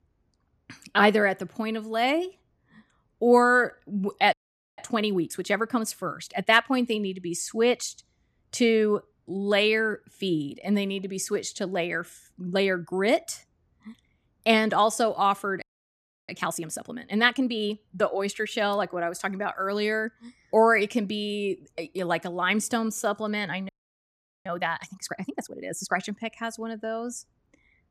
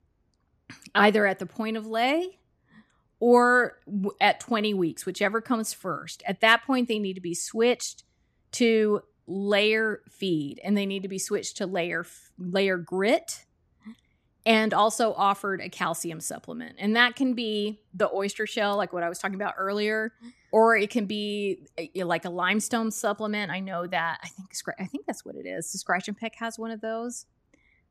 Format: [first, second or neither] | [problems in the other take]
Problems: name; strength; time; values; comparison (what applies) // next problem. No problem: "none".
second | audio freezing; at 4.5 s, at 16 s for 0.5 s and at 24 s for 1 s